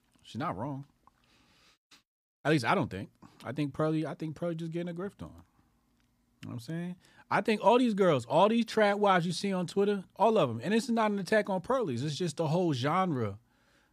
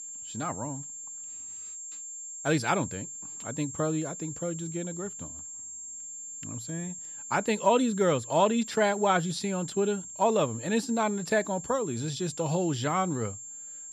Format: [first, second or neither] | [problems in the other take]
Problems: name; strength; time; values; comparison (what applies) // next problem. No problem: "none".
first | high-pitched whine; loud; throughout; 7.5 kHz, 10 dB below the speech